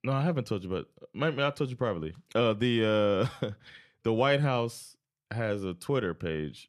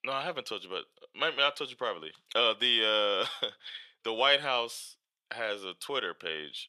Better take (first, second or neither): first